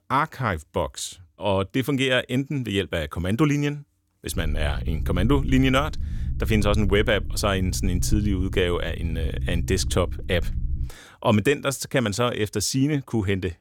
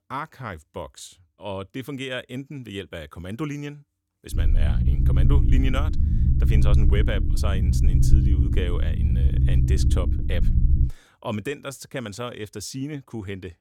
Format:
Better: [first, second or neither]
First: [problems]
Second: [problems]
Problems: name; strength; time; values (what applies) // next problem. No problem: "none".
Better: first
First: low rumble; faint; from 4.5 to 11 s; 20 dB below the speech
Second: low rumble; loud; from 4.5 to 11 s; 3 dB below the speech